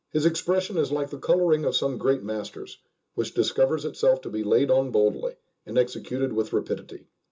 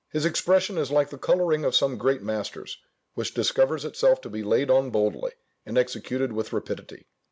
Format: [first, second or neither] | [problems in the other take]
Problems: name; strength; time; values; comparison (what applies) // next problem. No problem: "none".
second | room echo; dies away in 0.2 s